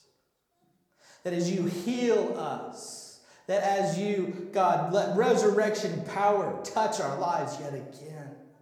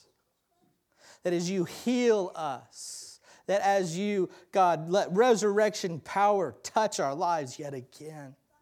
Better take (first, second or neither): second